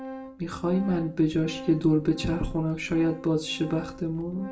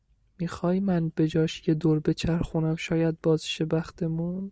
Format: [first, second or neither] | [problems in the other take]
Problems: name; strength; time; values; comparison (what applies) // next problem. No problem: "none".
second | background sound (Organ); 14 dB below the speech // room echo; dies away in 0.3 s